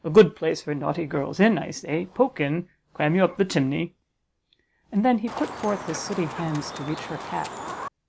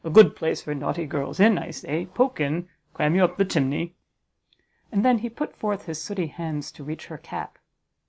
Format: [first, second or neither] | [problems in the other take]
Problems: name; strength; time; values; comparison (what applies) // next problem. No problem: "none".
second | background sound (Chicken, rooster); 10 dB below the speech